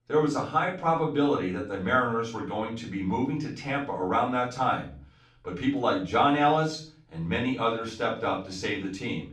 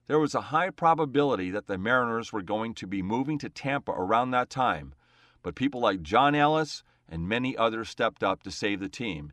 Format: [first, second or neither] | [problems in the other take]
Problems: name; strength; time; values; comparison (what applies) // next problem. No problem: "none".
second | off-mic speech; far // room echo; slight; dies away in 0.4 s